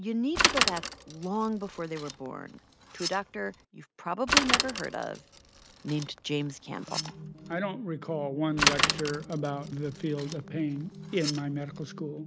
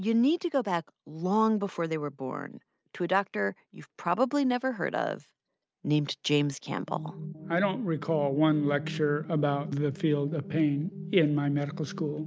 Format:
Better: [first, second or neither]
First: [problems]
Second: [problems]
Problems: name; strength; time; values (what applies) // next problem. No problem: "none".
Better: second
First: background sound (Bicycle); 1 dB above the speech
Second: none